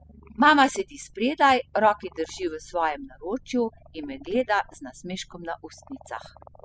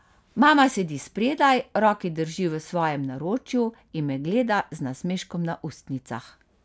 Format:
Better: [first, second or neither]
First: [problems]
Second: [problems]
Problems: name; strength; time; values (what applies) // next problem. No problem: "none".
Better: second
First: noise reduction (classical method spectral subtraction)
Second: none